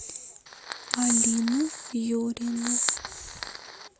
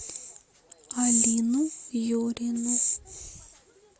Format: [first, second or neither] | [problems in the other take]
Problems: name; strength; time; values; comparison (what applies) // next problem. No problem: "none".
second | background sound (Fire); 10 dB below the speech